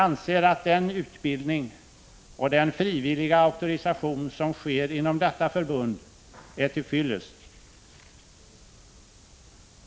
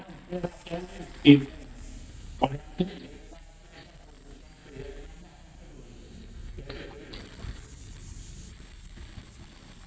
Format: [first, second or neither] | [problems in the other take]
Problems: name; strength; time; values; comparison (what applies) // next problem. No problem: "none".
first | noise reduction (neural mask model DeepFilterNet 3)